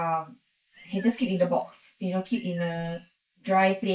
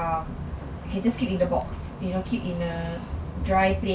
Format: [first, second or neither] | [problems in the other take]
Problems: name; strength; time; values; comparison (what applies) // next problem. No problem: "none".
second | noise reduction (neural mask model Resemble Enhance denoiser)